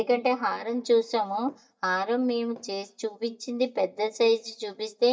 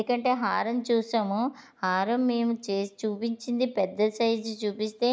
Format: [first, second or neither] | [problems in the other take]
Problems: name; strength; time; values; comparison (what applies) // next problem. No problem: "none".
second | noise reduction (neural mask model DeepFilterNet 3)